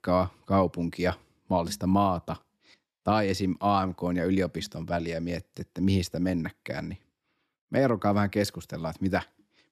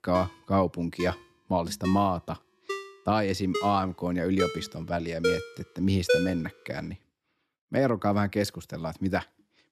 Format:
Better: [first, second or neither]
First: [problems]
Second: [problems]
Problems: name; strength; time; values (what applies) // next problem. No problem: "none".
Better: first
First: none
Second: phone ringing; loud; until 6.5 s; peak 2 dB above the speech